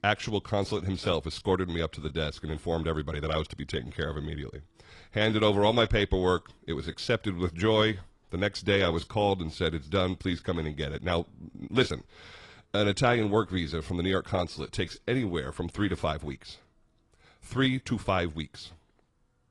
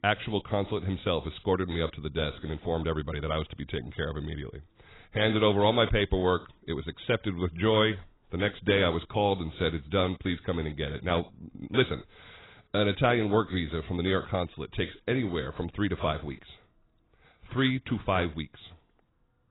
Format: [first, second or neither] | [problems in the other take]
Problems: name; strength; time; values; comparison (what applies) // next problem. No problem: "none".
first | garbled, watery; badly; nothing above 4 kHz; slightly in the first